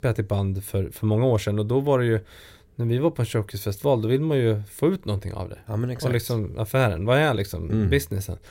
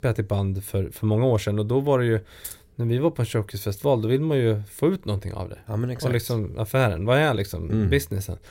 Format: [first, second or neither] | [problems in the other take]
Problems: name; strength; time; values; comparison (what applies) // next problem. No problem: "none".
first | jangling keys; faint; at 2.5 s; peak 15 dB below the speech